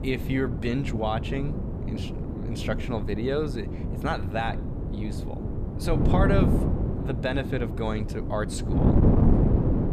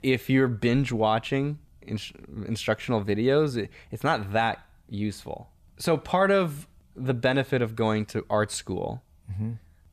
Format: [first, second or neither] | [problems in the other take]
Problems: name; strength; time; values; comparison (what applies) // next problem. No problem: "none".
second | wind noise on the microphone; heavy; 4 dB below the speech